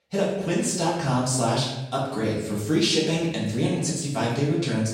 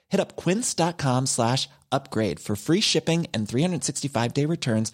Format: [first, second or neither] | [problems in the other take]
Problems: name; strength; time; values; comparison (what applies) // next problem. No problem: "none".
second | off-mic speech; far // room echo; noticeable; dies away in 0.8 s